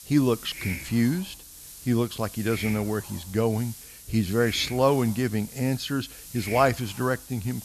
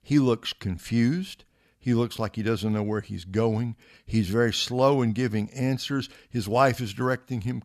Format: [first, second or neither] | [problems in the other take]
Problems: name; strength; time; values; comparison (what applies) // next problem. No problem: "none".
second | hiss; noticeable; throughout; 10 dB below the speech